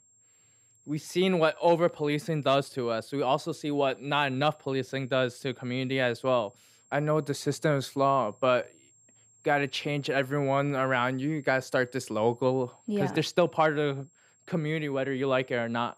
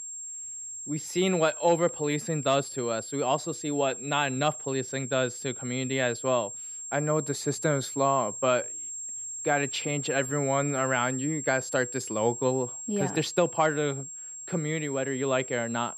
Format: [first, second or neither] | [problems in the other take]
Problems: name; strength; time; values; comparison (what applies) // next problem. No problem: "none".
first | high-pitched whine; loud; throughout; 7.5 kHz, 7 dB below the speech; faint in the first